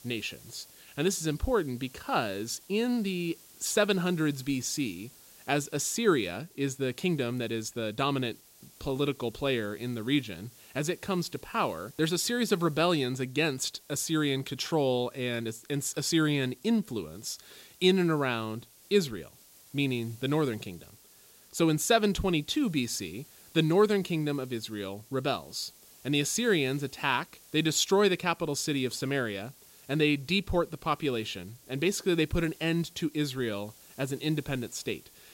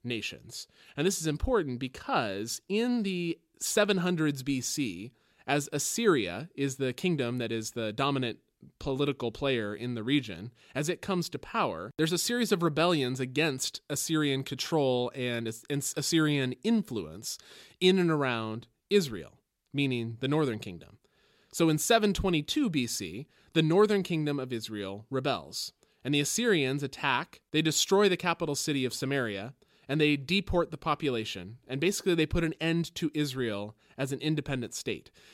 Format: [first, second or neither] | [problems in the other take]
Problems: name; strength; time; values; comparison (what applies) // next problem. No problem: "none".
second | hiss; faint; throughout; 25 dB below the speech